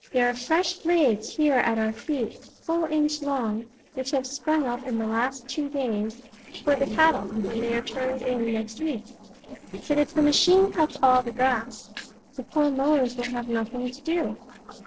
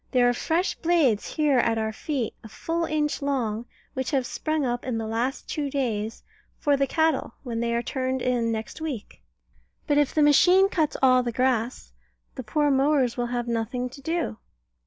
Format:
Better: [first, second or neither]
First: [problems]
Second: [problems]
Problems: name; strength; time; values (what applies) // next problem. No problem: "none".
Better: second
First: noise reduction (neural separator model SepFormer DNS4)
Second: none